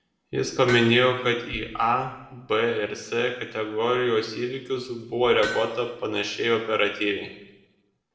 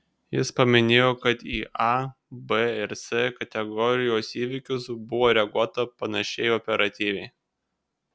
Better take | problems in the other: second | background sound (Hammer); 13 dB below the speech // room echo; dies away in 0.8 s

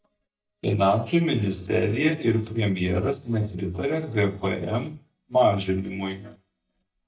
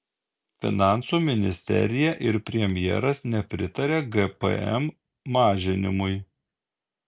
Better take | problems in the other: second | noise reduction (neural mask model DeepFilterNet 3)

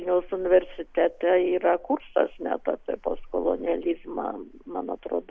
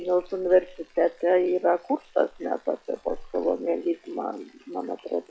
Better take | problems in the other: first | noise reduction (classical method log-MMSE)

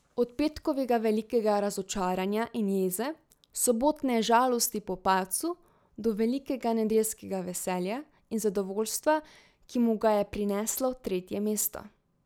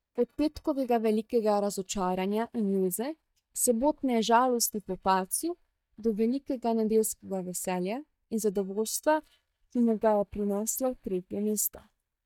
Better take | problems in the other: first | noise reduction (neural mask model DeepFilterNet 3)

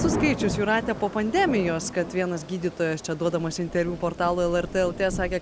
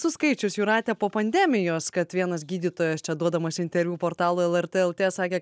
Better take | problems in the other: second | background sound (Thunder / Rain); 8 dB below the speech

